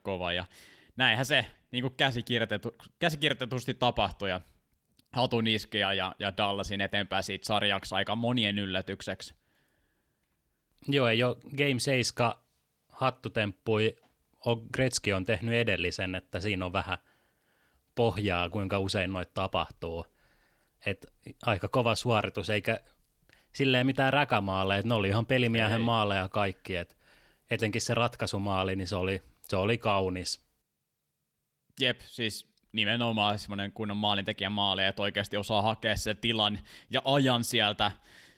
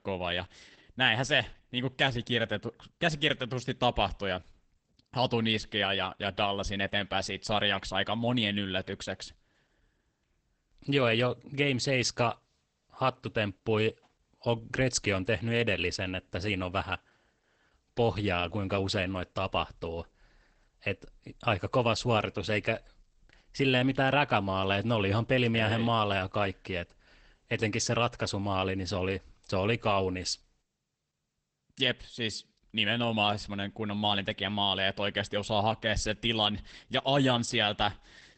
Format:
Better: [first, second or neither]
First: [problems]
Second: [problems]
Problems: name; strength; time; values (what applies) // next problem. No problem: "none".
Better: first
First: garbled, watery; slightly; nothing above 18.5 kHz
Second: garbled, watery; badly; nothing above 8 kHz